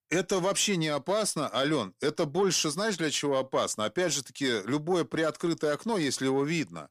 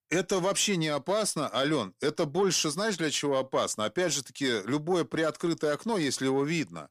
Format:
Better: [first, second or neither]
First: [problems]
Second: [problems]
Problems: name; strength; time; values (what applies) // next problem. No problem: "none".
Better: neither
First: none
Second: none